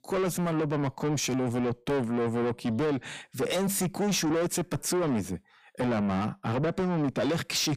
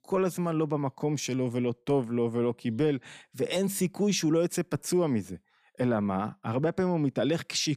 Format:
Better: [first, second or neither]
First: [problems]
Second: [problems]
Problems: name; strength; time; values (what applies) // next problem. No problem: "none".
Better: second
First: distortion; heavy; 7 dB below the speech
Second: none